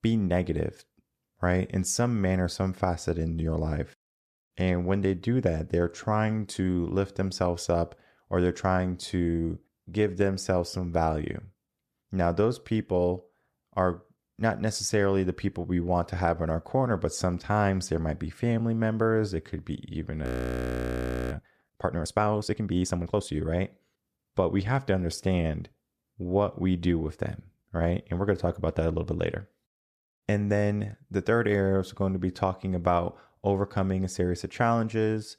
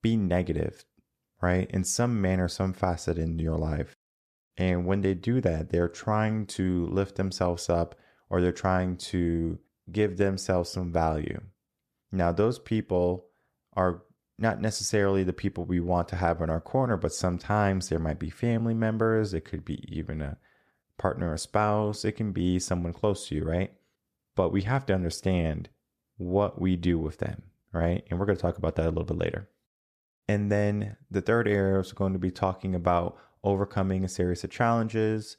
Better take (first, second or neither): second